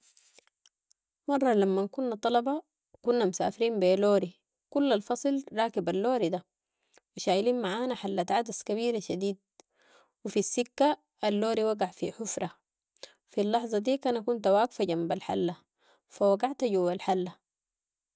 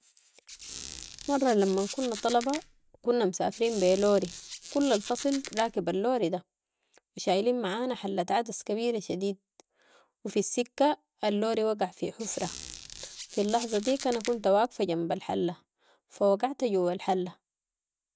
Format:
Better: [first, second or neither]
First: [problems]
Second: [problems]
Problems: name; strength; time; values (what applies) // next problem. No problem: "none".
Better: first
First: none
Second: background sound (Squeak); 13 dB below the speech